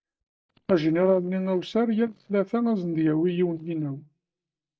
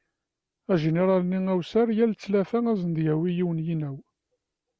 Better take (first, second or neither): second